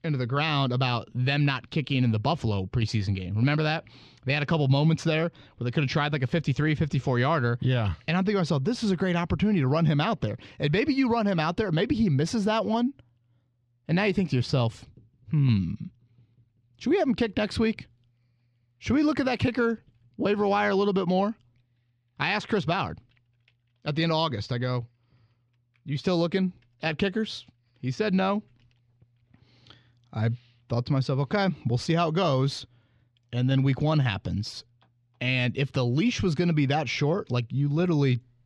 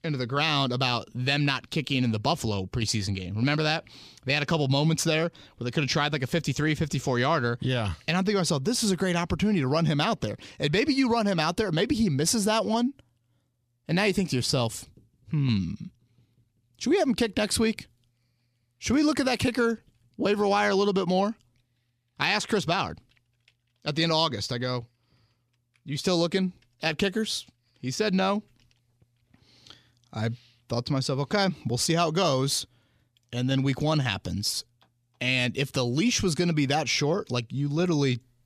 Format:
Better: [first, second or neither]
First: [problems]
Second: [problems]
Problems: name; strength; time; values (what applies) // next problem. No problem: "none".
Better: second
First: muffled; very slightly; fading above 3.5 kHz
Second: none